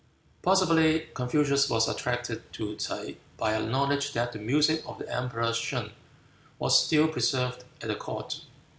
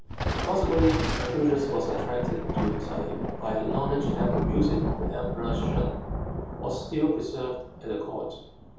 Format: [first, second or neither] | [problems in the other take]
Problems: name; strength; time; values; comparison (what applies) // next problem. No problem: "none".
first | background sound (Thunder); 1 dB below the speech // room echo; dies away in 0.7 s